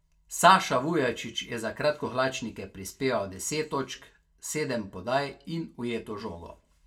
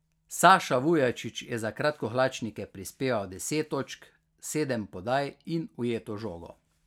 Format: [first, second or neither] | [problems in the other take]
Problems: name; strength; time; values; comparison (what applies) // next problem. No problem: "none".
second | room echo; dies away in 0.2 s